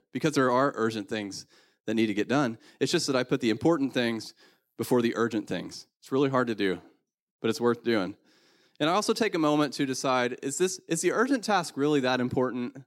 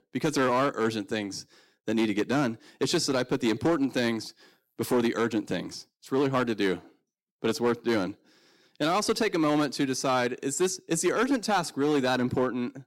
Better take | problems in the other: first | distortion; slight; 6% of the sound clipped

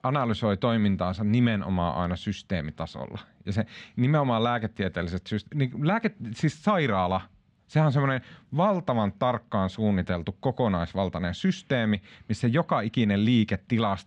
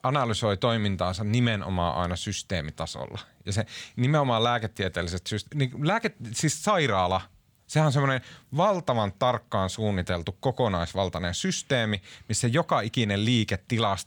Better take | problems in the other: second | muffled; slightly; fading above 3 kHz

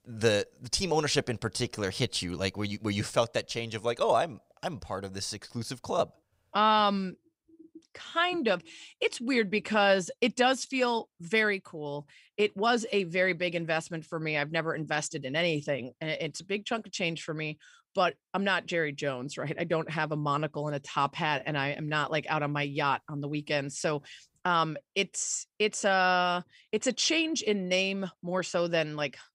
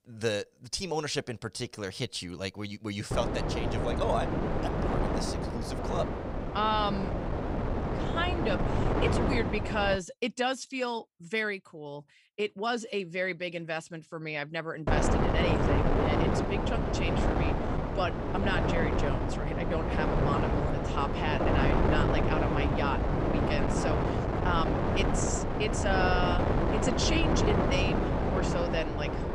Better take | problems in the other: first | wind noise on the microphone; heavy; from 3 to 10 s and from 15 s on; 1 dB above the speech

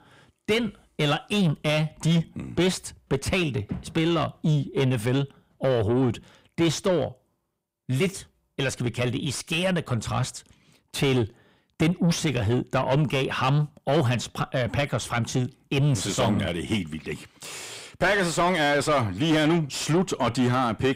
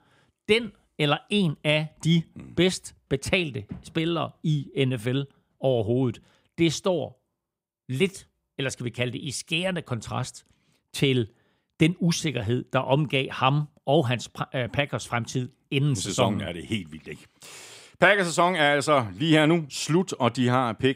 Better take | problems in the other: second | distortion; heavy; 6 dB below the speech

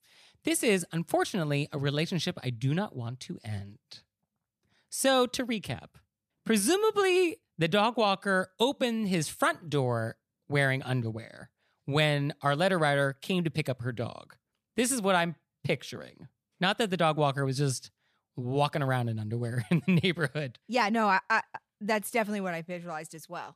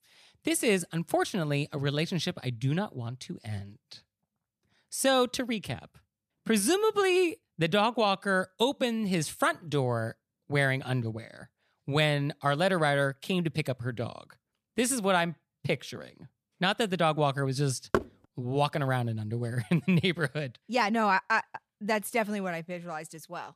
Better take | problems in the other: first | door banging; noticeable; at 18 s; peak 3 dB below the speech

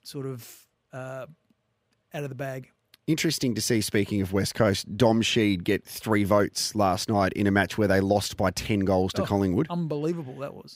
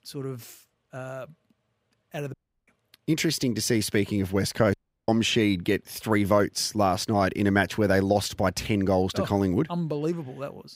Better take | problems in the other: first | audio cutting out; at 2.5 s and at 4.5 s

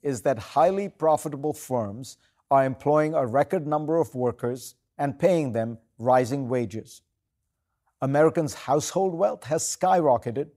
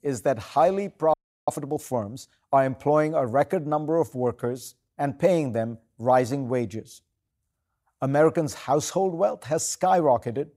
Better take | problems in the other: first | audio freezing; at 1 s

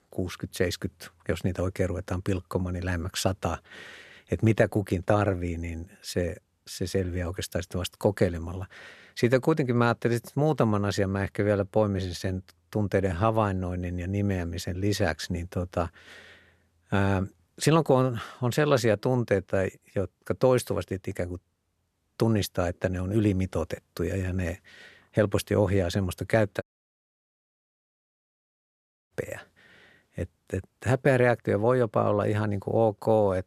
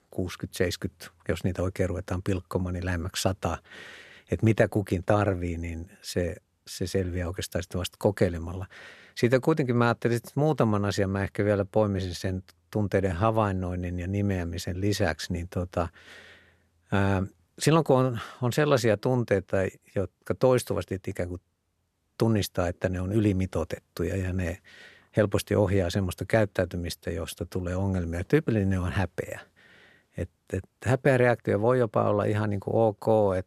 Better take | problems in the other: second | audio cutting out; at 27 s for 2.5 s

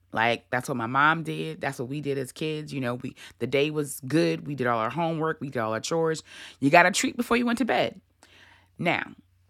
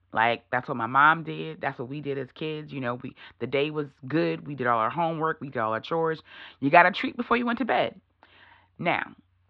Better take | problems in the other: first | muffled; very; fading above 3.5 kHz

